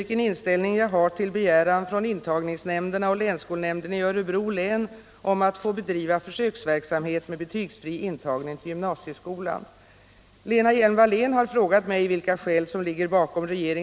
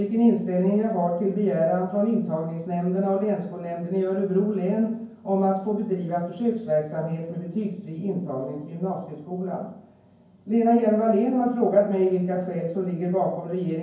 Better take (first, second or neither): first